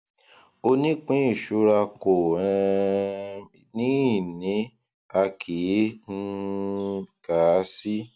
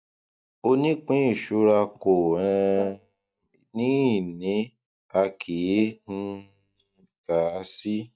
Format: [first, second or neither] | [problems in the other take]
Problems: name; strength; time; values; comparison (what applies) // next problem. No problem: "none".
first | noise reduction (neural mask model DeepFilterNet 3)